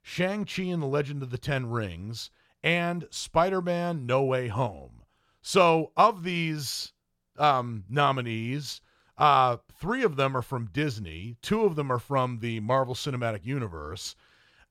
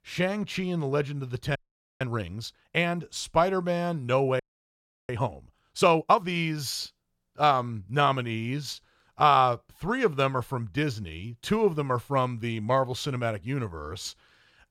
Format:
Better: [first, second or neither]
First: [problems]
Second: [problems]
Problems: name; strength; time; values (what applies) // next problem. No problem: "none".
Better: first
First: none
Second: audio freezing; at 1.5 s and at 4.5 s for 0.5 s